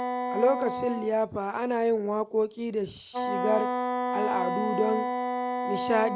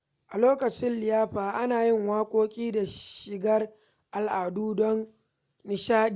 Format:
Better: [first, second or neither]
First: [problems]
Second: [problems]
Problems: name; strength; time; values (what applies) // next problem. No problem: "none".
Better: second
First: background sound (Wind instrument, woodwind instrument); 2 dB below the speech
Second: none